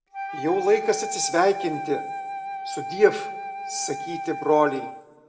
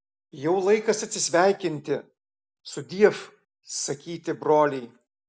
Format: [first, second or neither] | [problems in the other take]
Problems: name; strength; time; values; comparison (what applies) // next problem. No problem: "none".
second | background sound (Wind instrument, woodwind instrument); 8 dB below the speech // room echo; dies away in 0.8 s